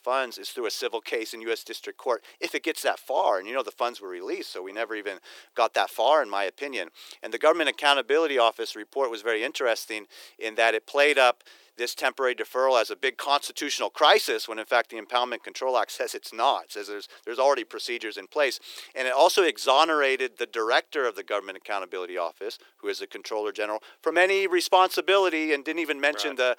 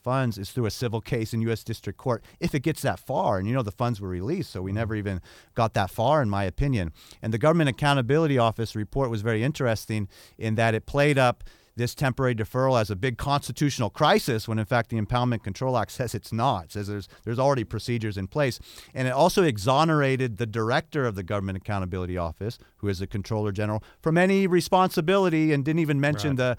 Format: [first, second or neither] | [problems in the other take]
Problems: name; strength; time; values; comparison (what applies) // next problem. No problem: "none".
second | thin; very; fading below 350 Hz